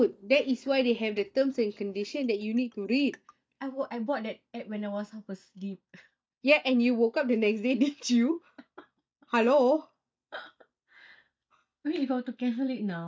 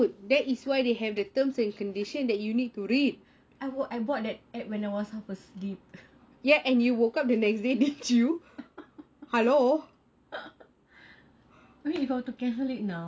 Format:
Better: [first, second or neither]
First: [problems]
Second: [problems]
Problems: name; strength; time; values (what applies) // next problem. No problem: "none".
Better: second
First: noise reduction (neural mask model DeepFilterNet 3)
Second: none